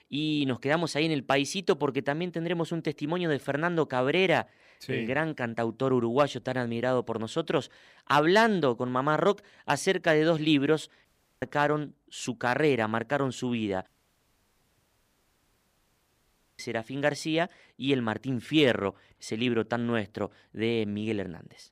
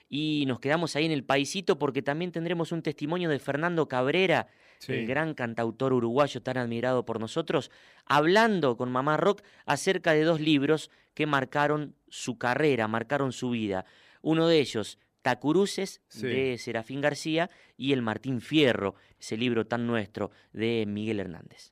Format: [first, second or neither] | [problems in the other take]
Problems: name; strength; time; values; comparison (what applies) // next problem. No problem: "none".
second | audio cutting out; at 11 s and at 14 s for 2.5 s